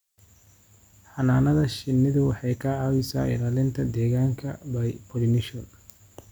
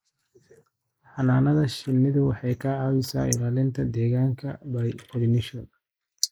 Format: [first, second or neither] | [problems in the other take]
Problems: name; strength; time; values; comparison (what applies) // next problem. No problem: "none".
first | noise reduction (neural mask model Resemble Enhance denoiser)